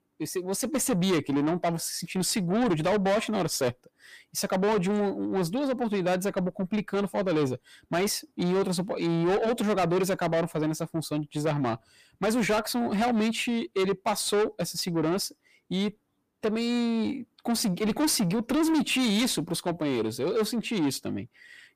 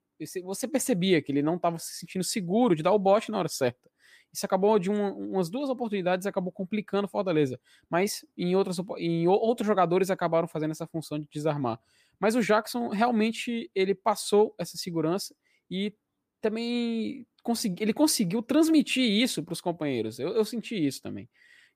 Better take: second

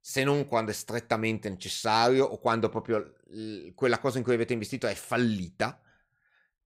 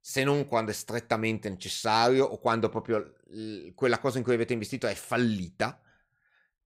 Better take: neither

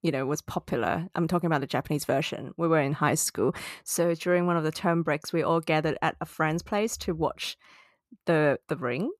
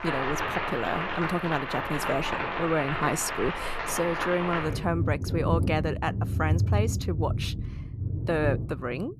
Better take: first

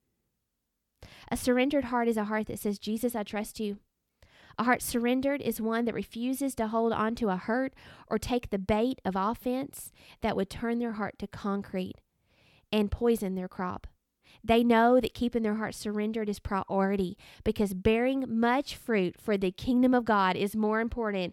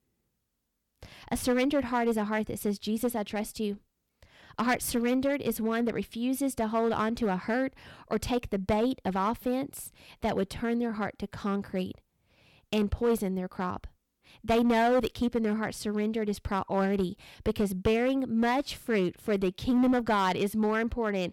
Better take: first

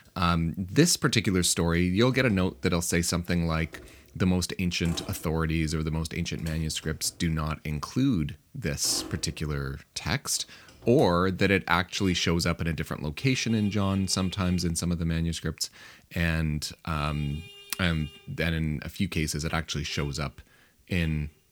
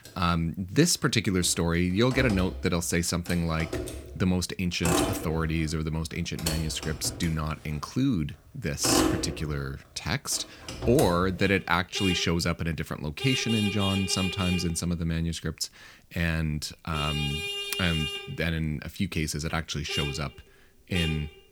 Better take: first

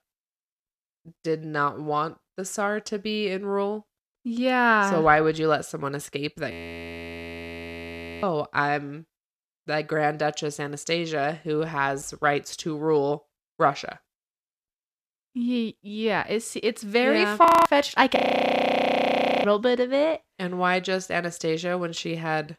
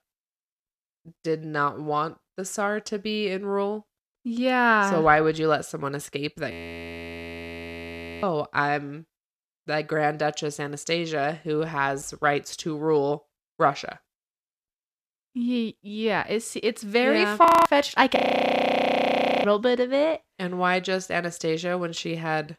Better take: neither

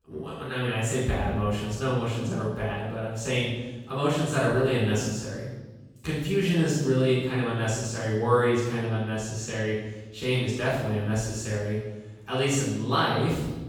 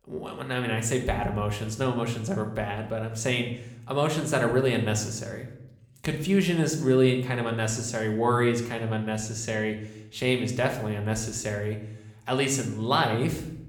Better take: second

